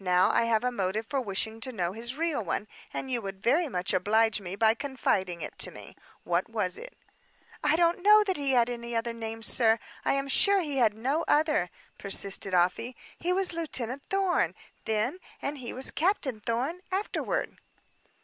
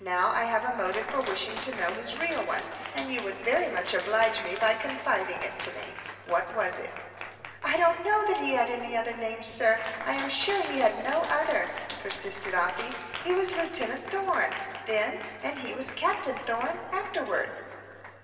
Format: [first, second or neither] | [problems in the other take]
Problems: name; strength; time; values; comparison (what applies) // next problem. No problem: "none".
first | background sound (Cheering); 12 dB below the speech // room echo; dies away in 2.6 s